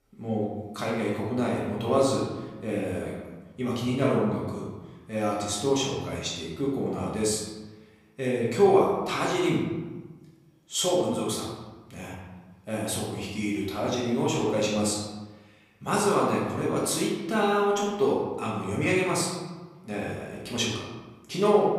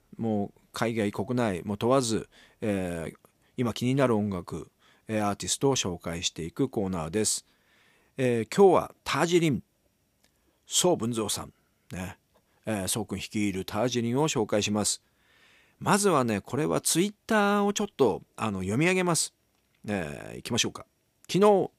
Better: second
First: room echo; noticeable; dies away in 1.1 s // off-mic speech; far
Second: none

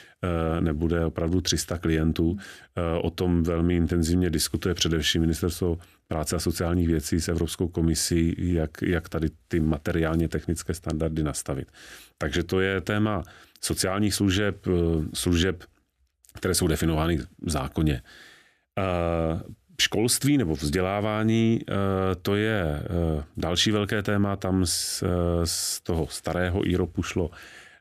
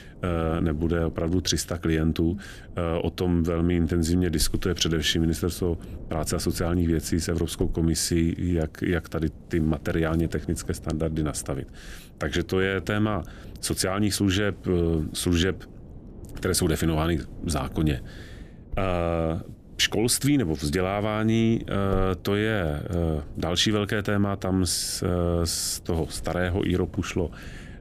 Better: first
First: none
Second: wind noise on the microphone; occasional gusts; 25 dB below the speech

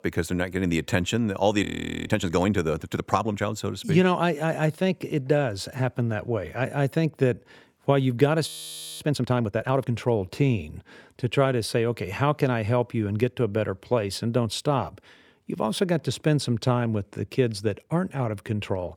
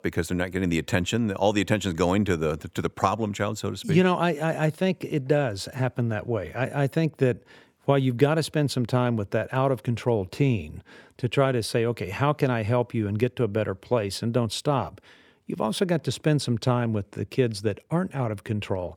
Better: second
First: audio freezing; at 1.5 s and at 8.5 s for 0.5 s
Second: none

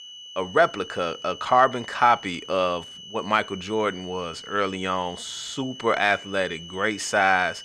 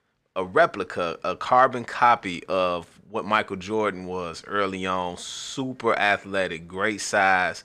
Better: second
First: high-pitched whine; noticeable; throughout; 3 kHz, 15 dB below the speech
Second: none

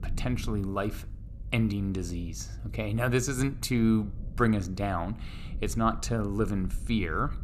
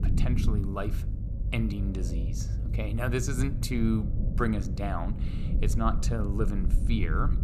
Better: first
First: low rumble; faint; throughout; 20 dB below the speech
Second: low rumble; loud; throughout; 9 dB below the speech

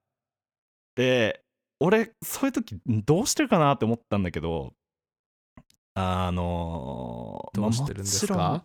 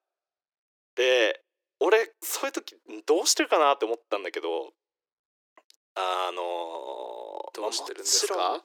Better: first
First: none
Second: thin; very; fading below 350 Hz

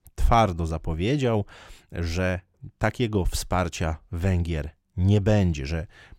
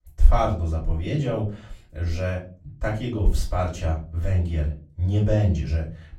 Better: first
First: none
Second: off-mic speech; far // room echo; slight; dies away in 0.4 s

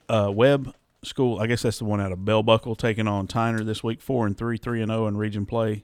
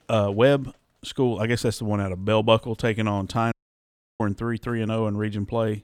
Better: first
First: none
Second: audio cutting out; at 3.5 s for 0.5 s

